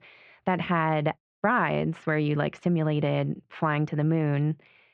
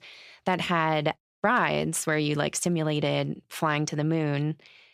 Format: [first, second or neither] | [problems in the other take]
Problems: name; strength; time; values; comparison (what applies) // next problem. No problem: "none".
second | muffled; very; fading above 2.5 kHz